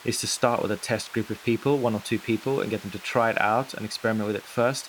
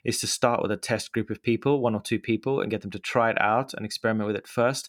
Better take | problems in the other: second | hiss; noticeable; throughout; 20 dB below the speech

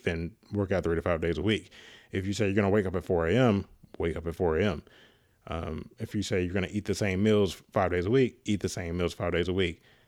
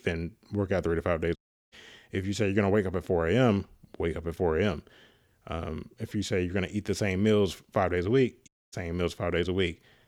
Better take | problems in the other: first | audio cutting out; at 1.5 s and at 8.5 s

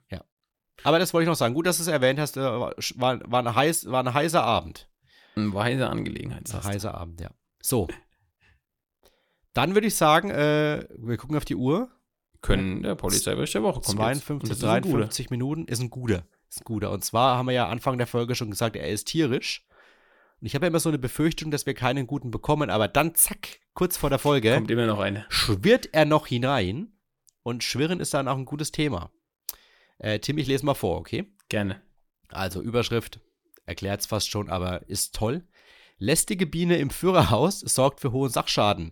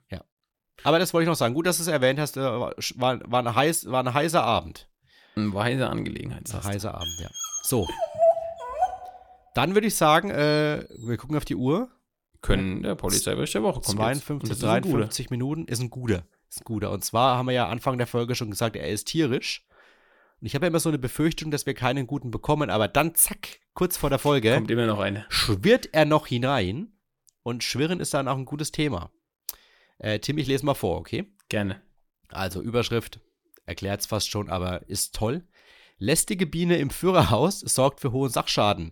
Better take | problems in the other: first | dog barking; loud; from 7 to 11 s; peak 3 dB above the speech

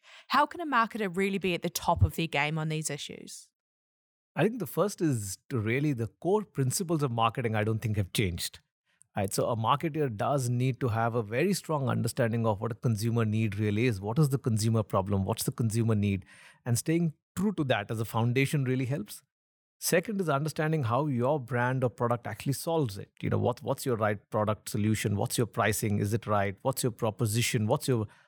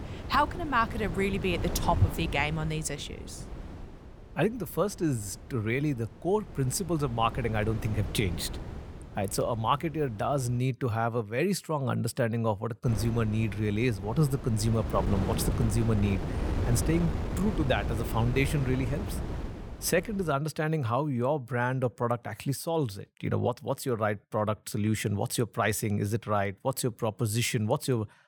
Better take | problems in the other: first | wind noise on the microphone; occasional gusts; until 11 s and from 13 to 20 s; 10 dB below the speech

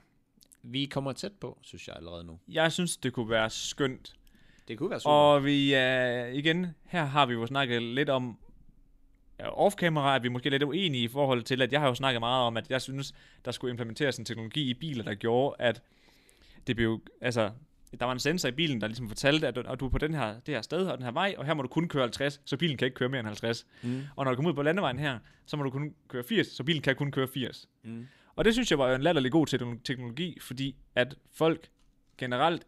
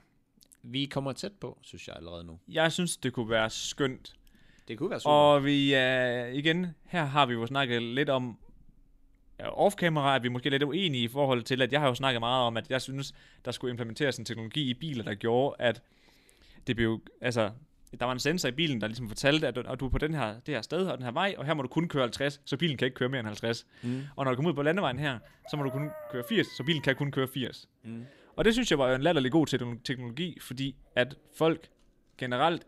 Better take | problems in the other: first | animal sounds; noticeable; from 25 s on; 20 dB below the speech

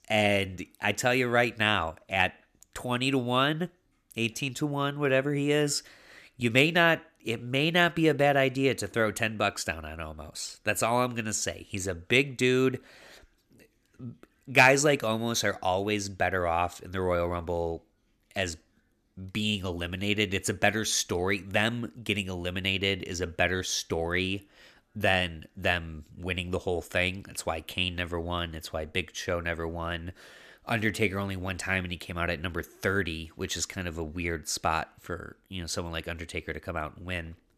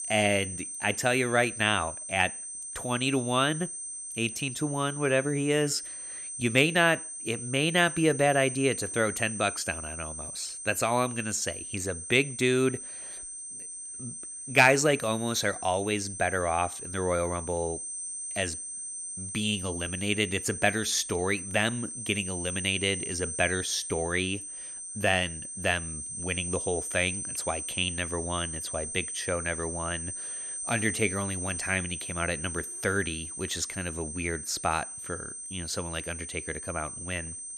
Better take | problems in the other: first | high-pitched whine; loud; throughout; 8.5 kHz, 7 dB below the speech

